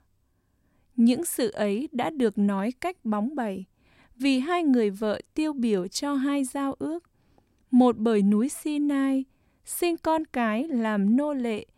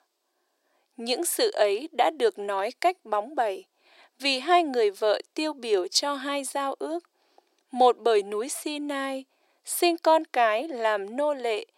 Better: first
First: none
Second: thin; very; fading below 350 Hz

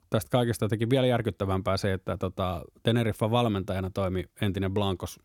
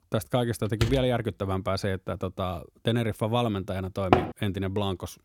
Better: first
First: none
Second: door banging; noticeable; at 1 s; peak 3 dB below the speech // door banging; loud; at 4 s; peak 4 dB above the speech

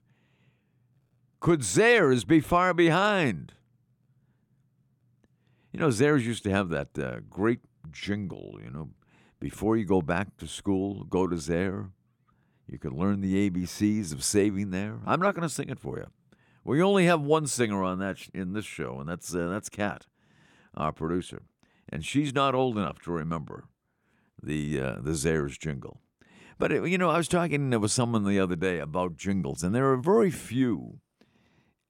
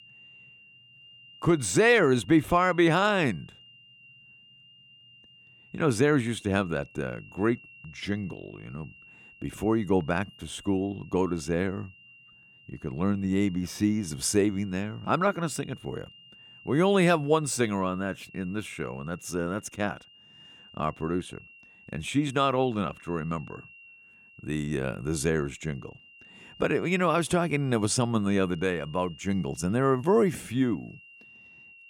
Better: first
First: none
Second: high-pitched whine; faint; throughout; 3 kHz, 25 dB below the speech

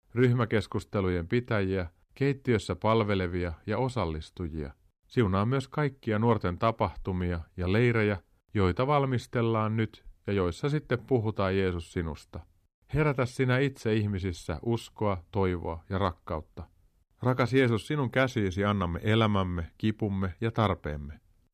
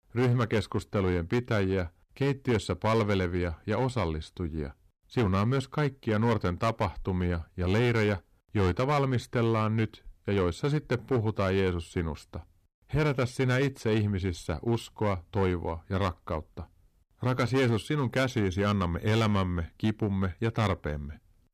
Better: first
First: none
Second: distortion; slight; 7% of the sound clipped

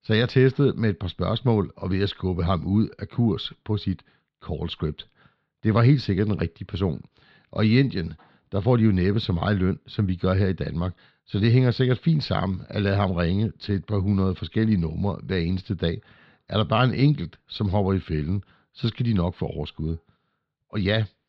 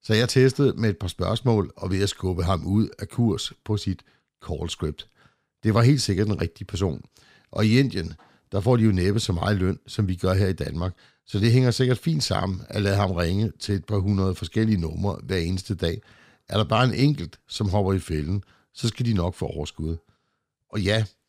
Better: second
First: muffled; very slightly; fading above 4 kHz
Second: none

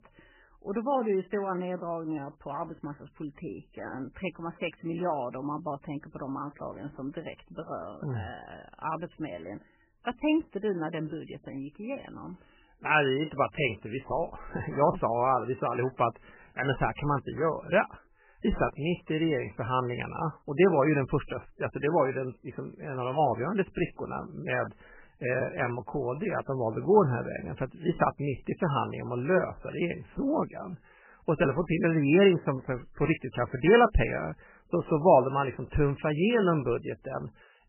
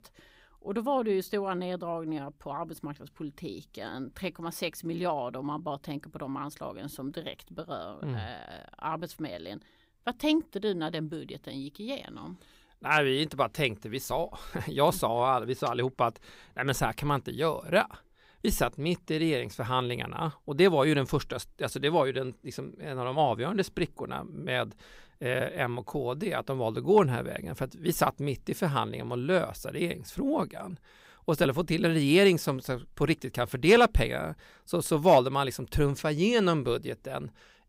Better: second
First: garbled, watery; badly; nothing above 3 kHz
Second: none

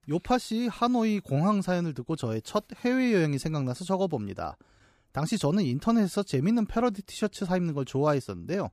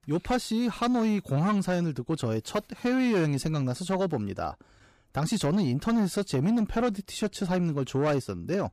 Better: first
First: none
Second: distortion; slight; 10 dB below the speech

